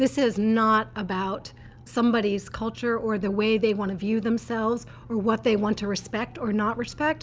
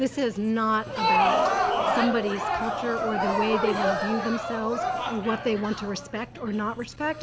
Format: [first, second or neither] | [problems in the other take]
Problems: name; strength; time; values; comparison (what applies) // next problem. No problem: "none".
first | background sound (Crowd); as loud as the speech